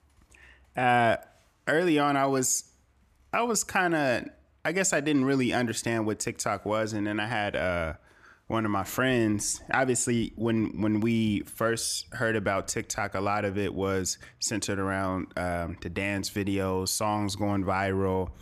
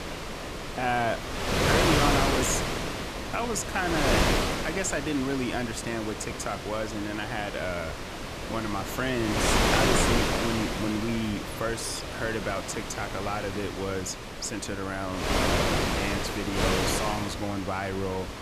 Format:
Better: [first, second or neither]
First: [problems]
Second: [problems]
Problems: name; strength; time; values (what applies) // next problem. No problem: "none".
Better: first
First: none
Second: wind noise on the microphone; heavy; 2 dB above the speech